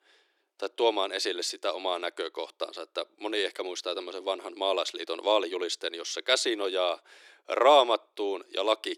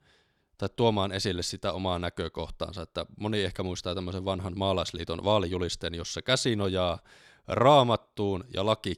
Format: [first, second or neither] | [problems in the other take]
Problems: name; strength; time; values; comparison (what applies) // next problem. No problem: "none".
second | thin; very; fading below 300 Hz